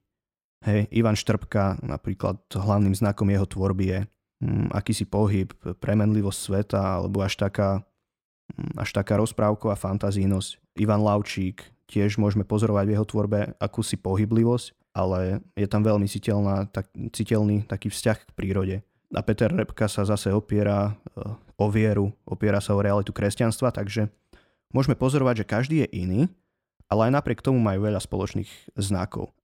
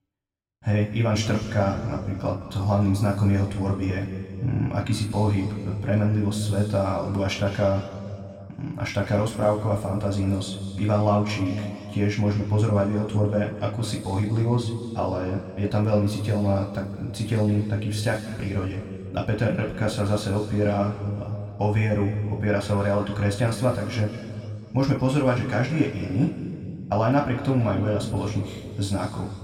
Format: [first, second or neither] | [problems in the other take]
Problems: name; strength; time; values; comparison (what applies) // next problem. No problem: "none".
first | room echo; noticeable; dies away in 2.1 s // off-mic speech; far